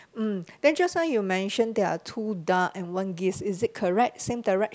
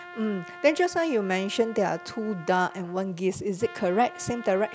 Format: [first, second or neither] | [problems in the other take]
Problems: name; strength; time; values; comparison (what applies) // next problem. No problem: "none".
first | background sound (Trumpet); 18 dB below the speech